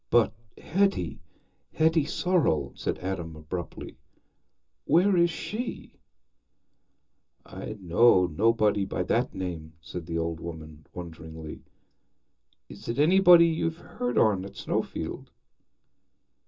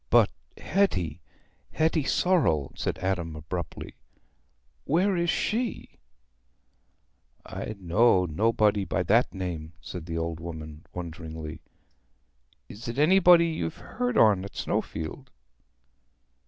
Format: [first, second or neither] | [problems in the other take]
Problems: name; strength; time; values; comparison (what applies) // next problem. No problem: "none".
second | room echo; dies away in 0.2 s